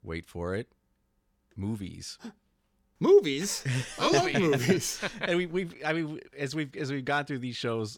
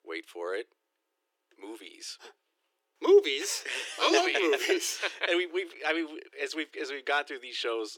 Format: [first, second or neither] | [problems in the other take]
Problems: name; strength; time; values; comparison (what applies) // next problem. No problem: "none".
first | thin; very; fading below 300 Hz